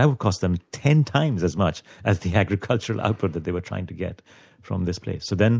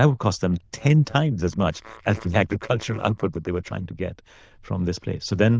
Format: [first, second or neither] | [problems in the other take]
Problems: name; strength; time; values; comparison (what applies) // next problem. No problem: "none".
first | noise reduction (neural diffusion model UNIVERSE++)